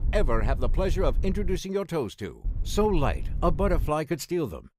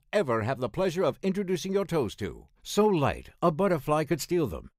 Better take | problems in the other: second | low rumble; faint; until 1.5 s and from 2.5 to 4 s; 20 dB below the speech

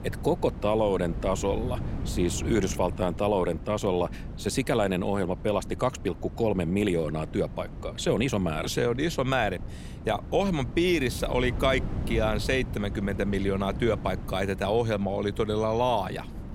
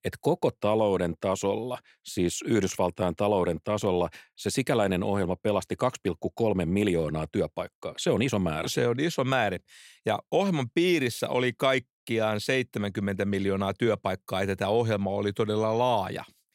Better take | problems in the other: second | wind noise on the microphone; occasional gusts; 15 dB below the speech

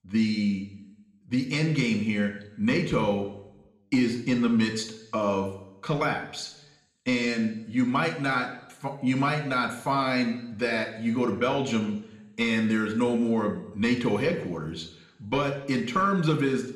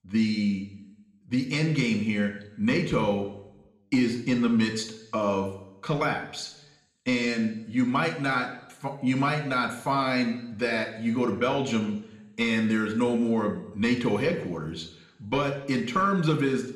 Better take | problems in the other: neither | room echo; slight; dies away in 0.7 s; the same in both

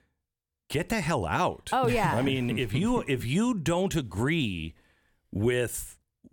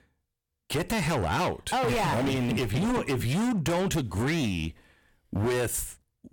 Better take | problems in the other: first | distortion; heavy; 23% of the sound clipped

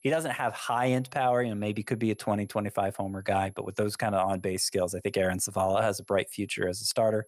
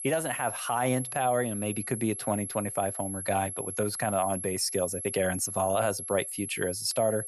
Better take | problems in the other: first | high-pitched whine; loud; throughout; 11 kHz, 5 dB below the speech; faint in the first

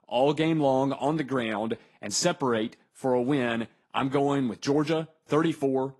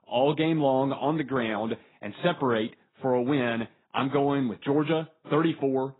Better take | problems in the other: first | garbled, watery; badly; nothing above 4 kHz; slightly in the first

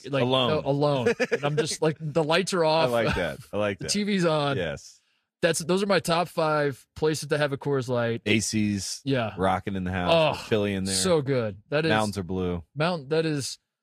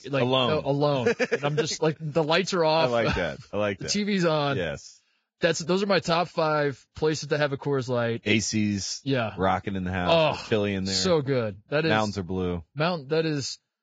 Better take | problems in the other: first | garbled, watery; badly; nothing above 7.5 kHz; slightly in the first

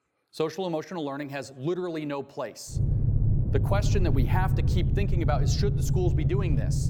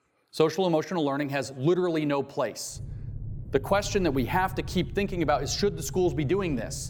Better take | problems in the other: second | low rumble; loud; from 2.5 s on; 6 dB below the speech; faint in the second

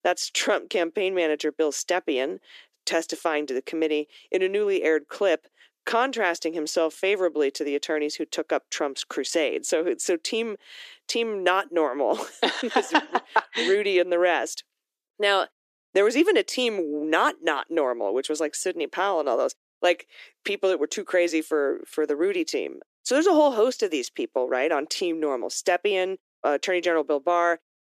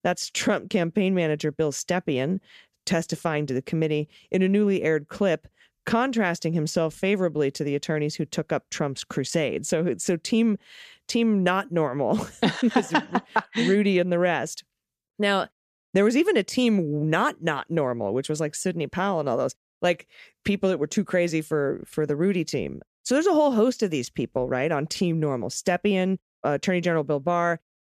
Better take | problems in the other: second | thin; somewhat; fading below 300 Hz

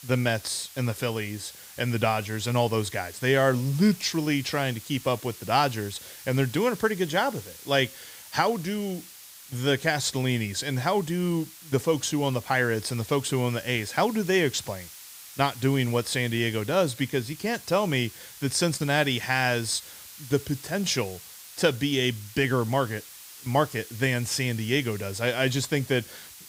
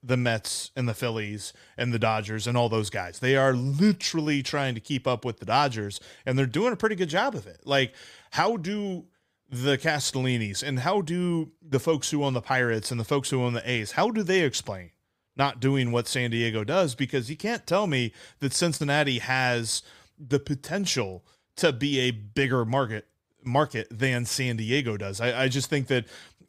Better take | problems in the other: second | hiss; noticeable; throughout; 15 dB below the speech

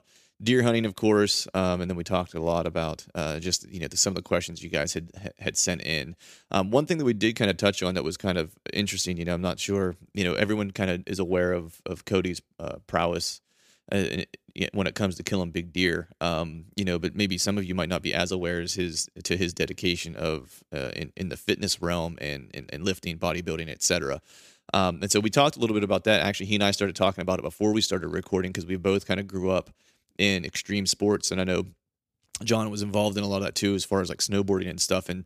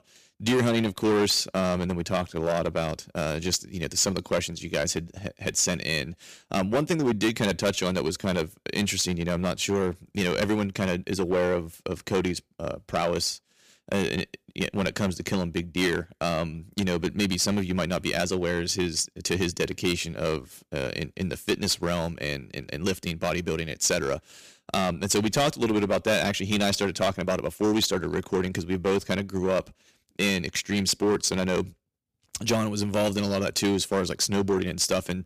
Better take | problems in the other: first | distortion; heavy; 7% of the sound clipped

